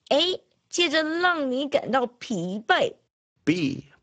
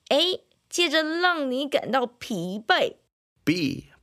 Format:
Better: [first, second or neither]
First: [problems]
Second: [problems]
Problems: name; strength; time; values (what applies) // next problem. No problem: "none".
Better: second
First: garbled, watery; badly; nothing above 7.5 kHz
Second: none